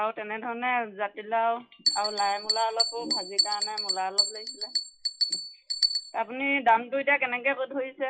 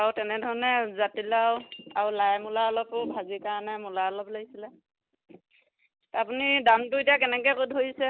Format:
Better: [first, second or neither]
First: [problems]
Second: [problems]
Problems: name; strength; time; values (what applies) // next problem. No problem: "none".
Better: second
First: noise reduction (classical method WPE with log-MMSE)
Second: none